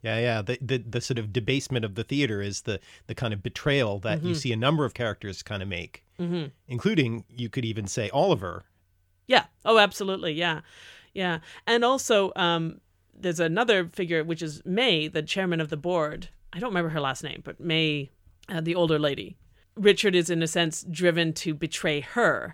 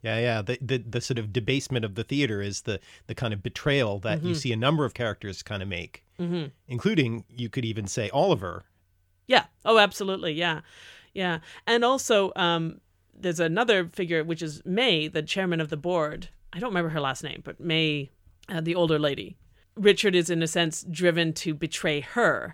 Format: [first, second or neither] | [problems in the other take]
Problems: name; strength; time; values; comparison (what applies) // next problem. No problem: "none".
neither | none